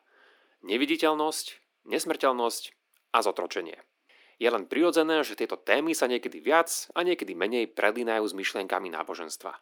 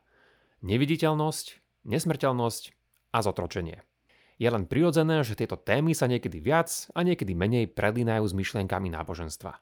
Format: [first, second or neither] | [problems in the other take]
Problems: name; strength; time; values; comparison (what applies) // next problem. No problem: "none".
second | thin; somewhat; fading below 250 Hz